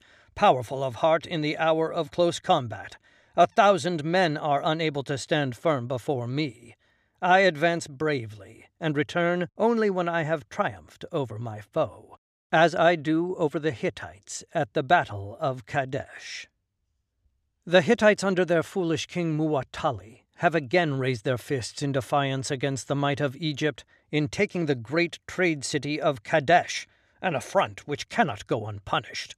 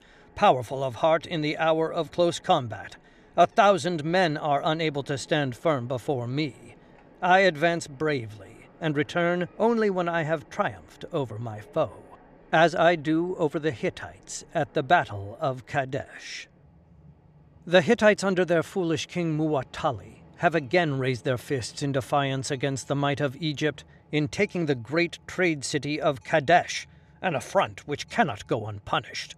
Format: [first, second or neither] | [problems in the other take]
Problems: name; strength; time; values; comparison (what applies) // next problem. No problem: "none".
first | train or aircraft noise; faint; throughout; 30 dB below the speech